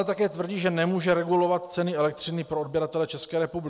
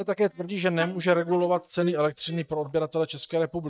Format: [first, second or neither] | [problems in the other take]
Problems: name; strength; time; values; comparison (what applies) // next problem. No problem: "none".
first | noise reduction (neural mask model DeepFilterNet 3)